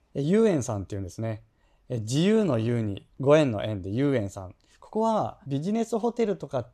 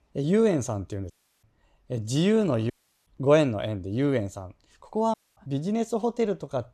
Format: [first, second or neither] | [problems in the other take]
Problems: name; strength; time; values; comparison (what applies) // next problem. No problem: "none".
first | audio cutting out; at 1 s, at 2.5 s and at 5 s